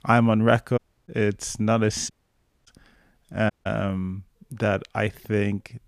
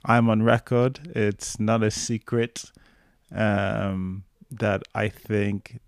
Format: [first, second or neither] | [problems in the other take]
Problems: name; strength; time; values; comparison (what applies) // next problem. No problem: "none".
second | audio cutting out; at 1 s, at 2 s for 0.5 s and at 3.5 s